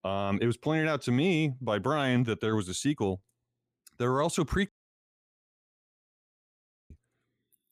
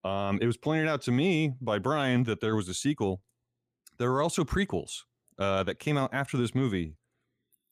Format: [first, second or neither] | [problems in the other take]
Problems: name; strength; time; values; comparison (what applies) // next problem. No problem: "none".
second | audio cutting out; at 4.5 s for 2 s